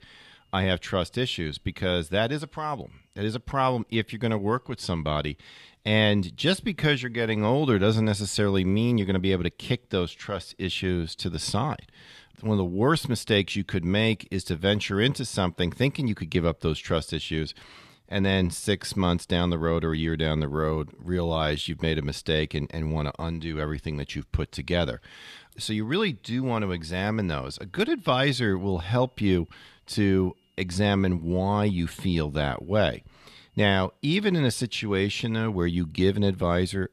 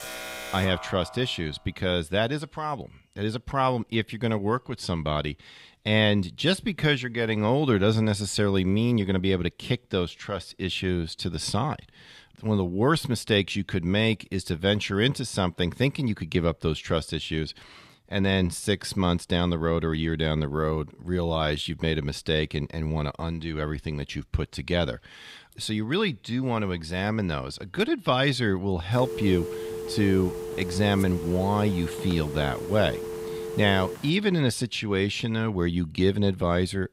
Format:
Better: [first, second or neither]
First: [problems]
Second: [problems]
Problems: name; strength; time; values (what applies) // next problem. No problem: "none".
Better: first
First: none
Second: alarm; noticeable; until 1.5 s; peak 8 dB below the speech // phone ringing; noticeable; from 29 to 34 s; peak 7 dB below the speech